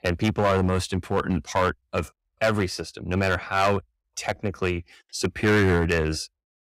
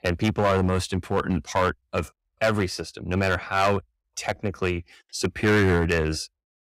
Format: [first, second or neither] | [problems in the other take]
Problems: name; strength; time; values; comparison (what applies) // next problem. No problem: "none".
neither | distortion; heavy; 5% of the sound clipped; the same in both